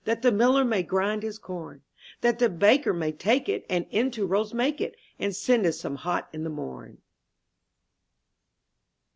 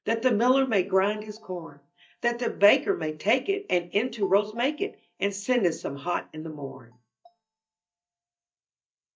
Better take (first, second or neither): first